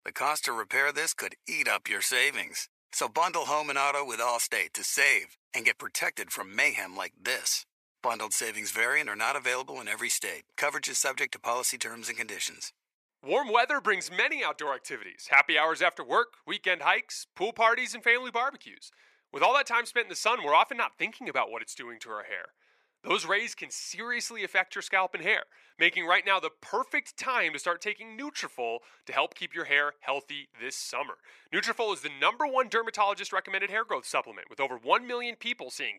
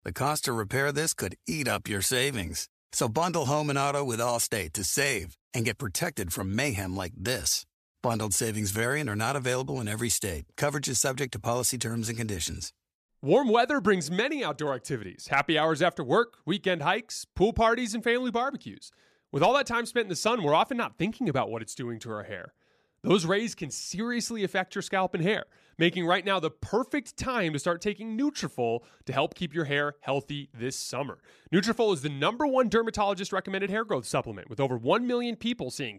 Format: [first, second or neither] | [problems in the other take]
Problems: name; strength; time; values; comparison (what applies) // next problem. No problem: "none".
second | thin; very; fading below 500 Hz